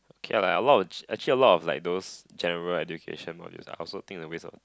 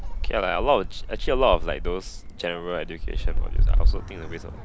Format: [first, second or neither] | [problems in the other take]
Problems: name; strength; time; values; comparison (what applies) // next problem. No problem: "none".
first | background sound (Gull, seagull); 4 dB above the speech